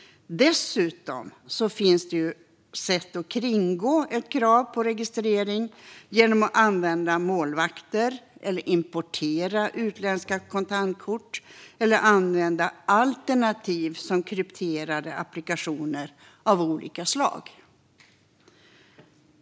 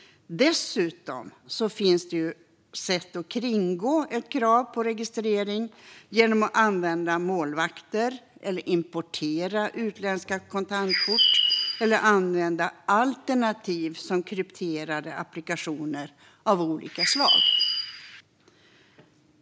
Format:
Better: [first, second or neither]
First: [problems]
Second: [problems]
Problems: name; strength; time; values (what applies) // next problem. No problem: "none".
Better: first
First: none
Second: background sound (Bird); 3 dB above the speech